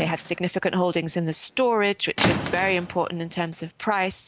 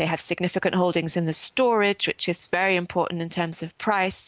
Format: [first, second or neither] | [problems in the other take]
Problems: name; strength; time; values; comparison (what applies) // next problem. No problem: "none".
second | background sound (Squeak / Rattle / Slam); 7 dB below the speech